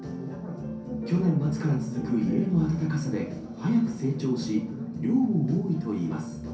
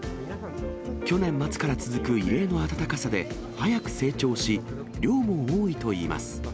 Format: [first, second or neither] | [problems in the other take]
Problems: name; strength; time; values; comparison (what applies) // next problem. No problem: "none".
second | room echo; dies away in 0.6 s